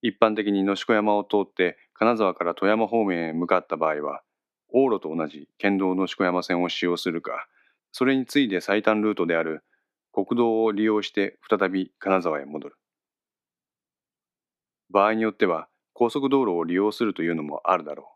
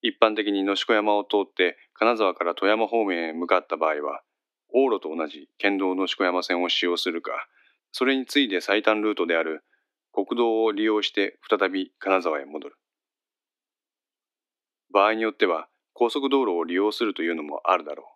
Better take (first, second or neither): first